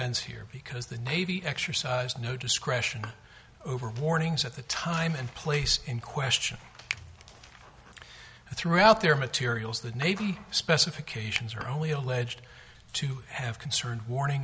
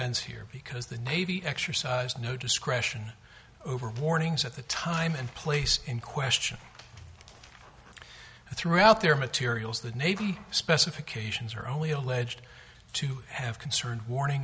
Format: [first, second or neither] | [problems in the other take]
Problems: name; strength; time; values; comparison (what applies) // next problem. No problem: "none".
second | background sound (Finger snapping + Bowed string instrument); 17 dB below the speech